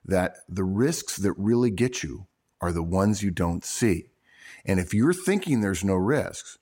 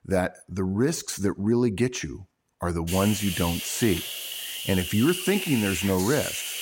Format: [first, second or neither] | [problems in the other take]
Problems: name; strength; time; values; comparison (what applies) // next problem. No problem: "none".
first | hiss; loud; from 3 s on; 5 dB below the speech